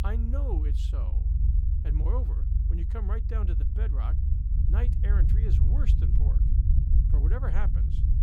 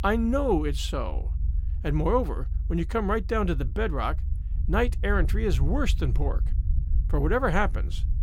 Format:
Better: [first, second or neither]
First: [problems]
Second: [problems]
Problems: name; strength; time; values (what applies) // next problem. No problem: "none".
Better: second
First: low rumble; loud; throughout; 2 dB below the speech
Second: low rumble; faint; throughout; 20 dB below the speech